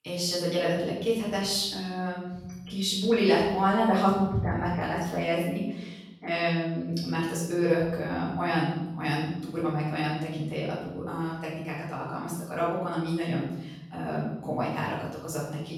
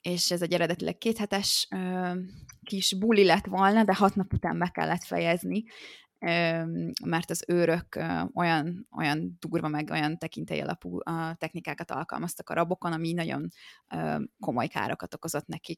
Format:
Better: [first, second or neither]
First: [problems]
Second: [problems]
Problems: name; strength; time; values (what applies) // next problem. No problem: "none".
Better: second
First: room echo; noticeable; dies away in 0.9 s // off-mic speech; far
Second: none